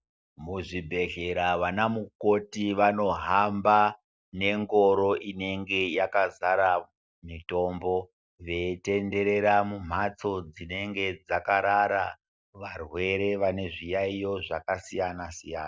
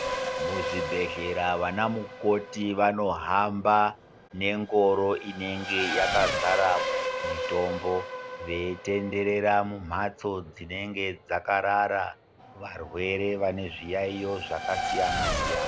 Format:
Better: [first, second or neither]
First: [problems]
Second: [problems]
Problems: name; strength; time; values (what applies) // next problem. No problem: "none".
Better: first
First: none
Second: background sound (Race car, auto racing / Accelerating, revving, vroom); 6 dB below the speech